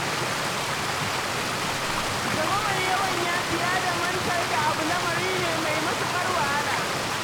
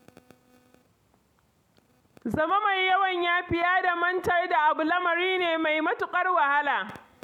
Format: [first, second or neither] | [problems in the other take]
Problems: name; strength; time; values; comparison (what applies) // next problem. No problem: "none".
second | background sound (Stream); 4 dB above the speech